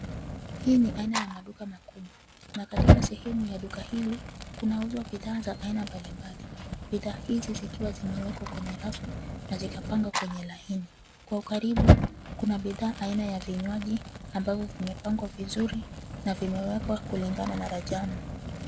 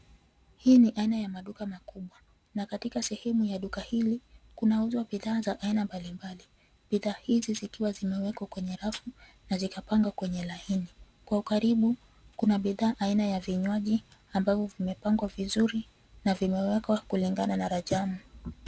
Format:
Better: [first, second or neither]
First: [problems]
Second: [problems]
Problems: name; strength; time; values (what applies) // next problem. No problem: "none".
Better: second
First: background sound (Fire); 1 dB above the speech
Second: none